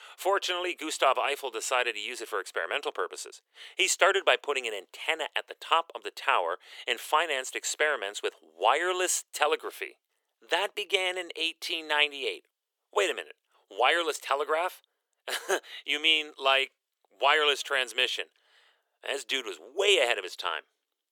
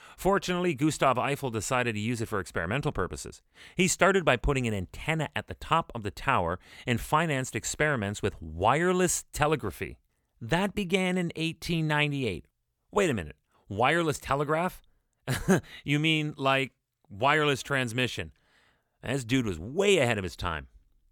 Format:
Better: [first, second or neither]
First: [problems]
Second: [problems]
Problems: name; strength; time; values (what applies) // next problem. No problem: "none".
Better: second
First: thin; very; fading below 400 Hz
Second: none